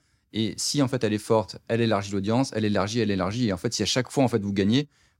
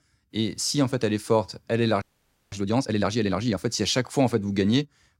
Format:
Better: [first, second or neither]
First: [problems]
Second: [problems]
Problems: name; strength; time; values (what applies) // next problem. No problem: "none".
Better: first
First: none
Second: audio freezing; at 2 s for 0.5 s